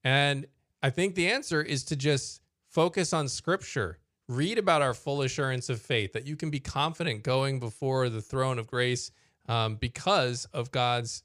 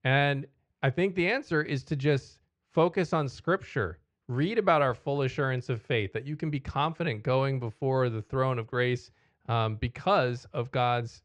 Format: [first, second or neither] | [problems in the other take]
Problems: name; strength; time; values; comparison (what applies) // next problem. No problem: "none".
first | muffled; slightly; fading above 2.5 kHz